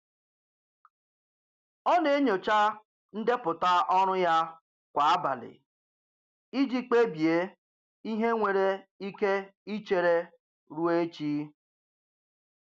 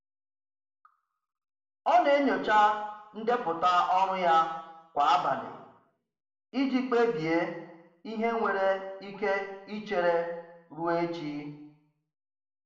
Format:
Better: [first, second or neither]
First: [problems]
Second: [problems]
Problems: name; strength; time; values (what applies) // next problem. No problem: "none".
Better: first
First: none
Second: room echo; dies away in 0.8 s